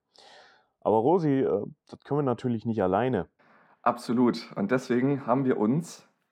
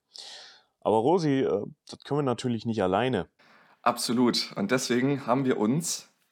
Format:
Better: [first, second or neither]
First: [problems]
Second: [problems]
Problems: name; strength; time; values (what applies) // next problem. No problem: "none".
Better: second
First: muffled; slightly; fading above 2.5 kHz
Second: none